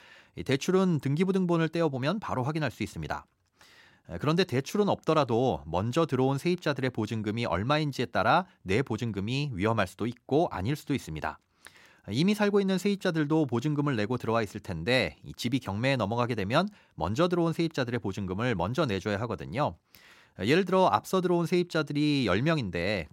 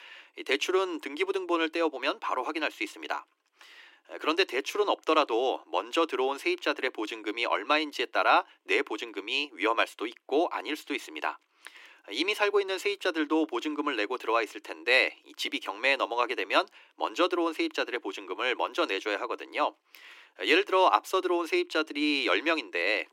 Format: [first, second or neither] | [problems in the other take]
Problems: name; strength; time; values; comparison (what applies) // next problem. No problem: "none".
first | thin; very; fading below 300 Hz